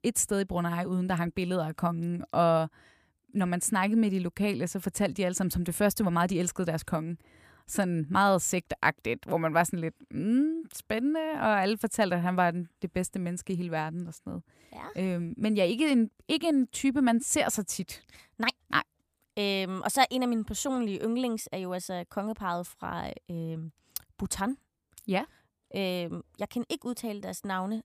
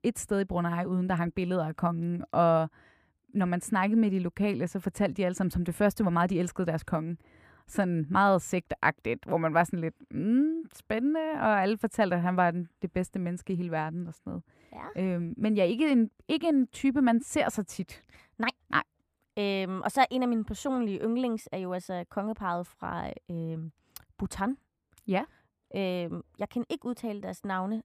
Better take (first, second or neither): first